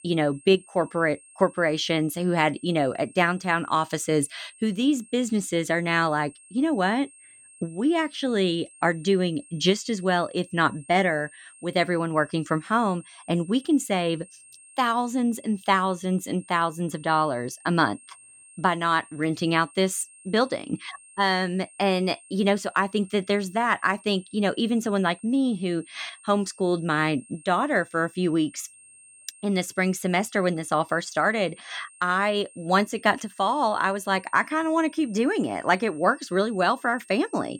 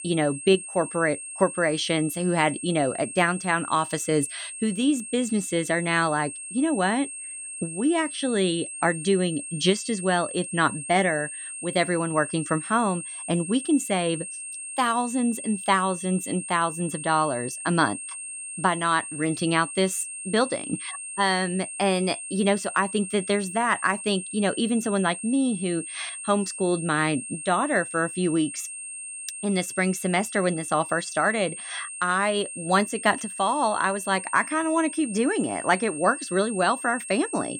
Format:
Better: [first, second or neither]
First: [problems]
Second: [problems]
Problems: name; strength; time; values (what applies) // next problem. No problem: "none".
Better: first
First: high-pitched whine; faint; throughout; 8.5 kHz, 25 dB below the speech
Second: high-pitched whine; loud; throughout; 8.5 kHz, 9 dB below the speech